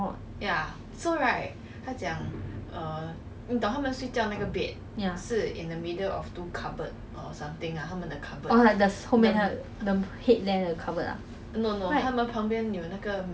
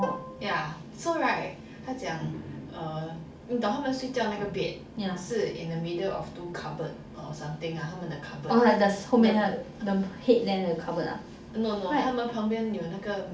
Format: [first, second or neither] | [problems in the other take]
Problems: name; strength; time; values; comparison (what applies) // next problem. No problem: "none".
first | background sound (Plucked string instrument); 11 dB below the speech // room echo; dies away in 0.4 s